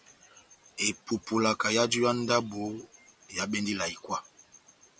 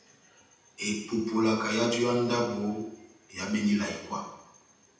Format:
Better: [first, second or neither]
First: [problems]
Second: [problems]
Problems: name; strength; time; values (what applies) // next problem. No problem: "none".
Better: first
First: none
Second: room echo; dies away in 0.8 s